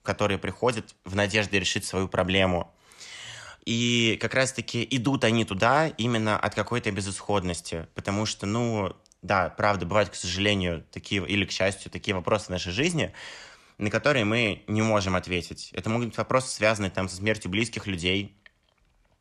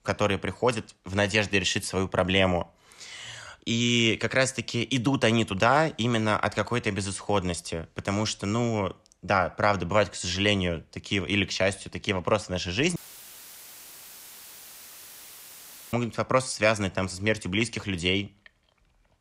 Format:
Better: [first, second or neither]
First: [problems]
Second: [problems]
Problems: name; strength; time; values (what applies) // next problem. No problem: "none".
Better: first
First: none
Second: audio cutting out; filled with static; at 13 s for 3 s